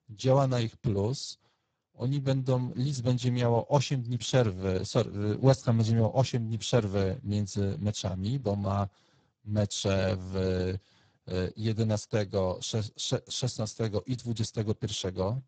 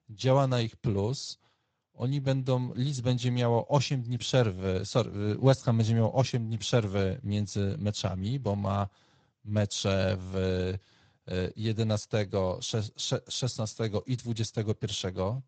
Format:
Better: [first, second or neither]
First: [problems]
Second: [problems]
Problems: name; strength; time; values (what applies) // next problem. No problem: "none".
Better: second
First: garbled, watery; badly; nothing above 7.5 kHz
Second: garbled, watery; slightly; nothing above 7.5 kHz